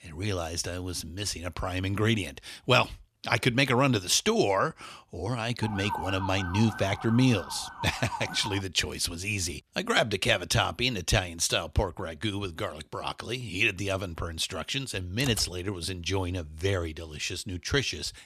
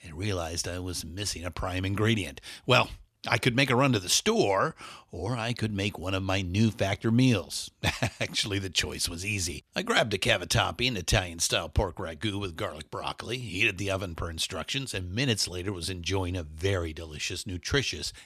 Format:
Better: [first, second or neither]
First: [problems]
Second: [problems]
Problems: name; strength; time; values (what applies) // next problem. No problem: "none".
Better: second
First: siren; noticeable; from 5.5 to 8.5 s; peak 6 dB below the speech // keyboard typing; noticeable; at 15 s; peak 8 dB below the speech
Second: none